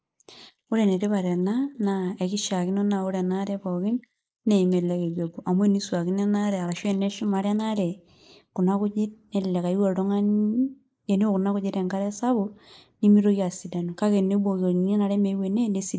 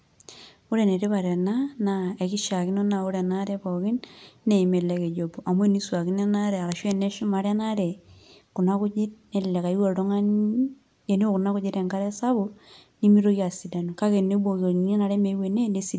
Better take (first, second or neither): second